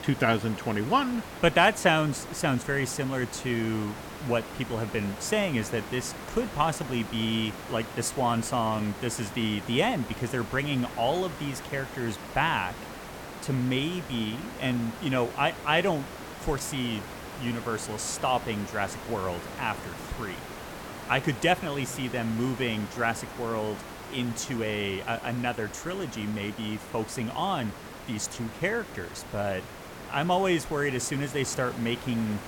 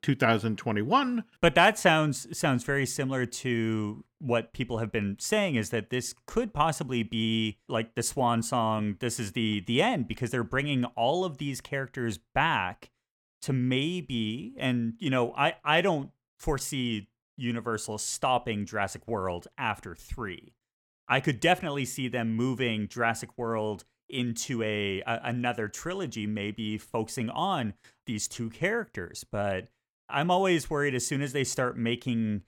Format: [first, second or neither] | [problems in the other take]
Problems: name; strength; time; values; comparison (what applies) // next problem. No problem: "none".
second | hiss; noticeable; throughout; 10 dB below the speech